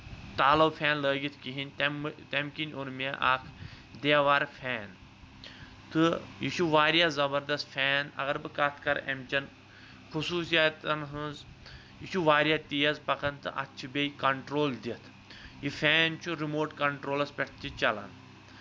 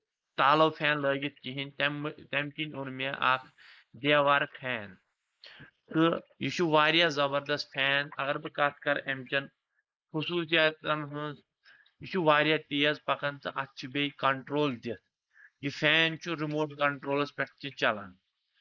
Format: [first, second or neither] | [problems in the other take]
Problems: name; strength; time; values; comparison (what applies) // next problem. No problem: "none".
first | noise reduction (neural mask model Resemble Enhance denoiser)